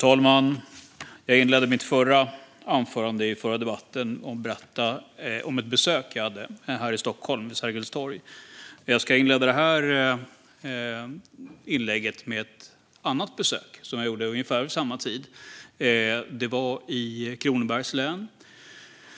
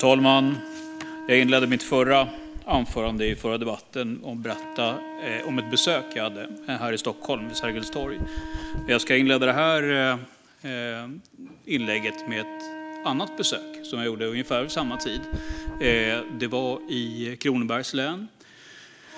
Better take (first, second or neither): first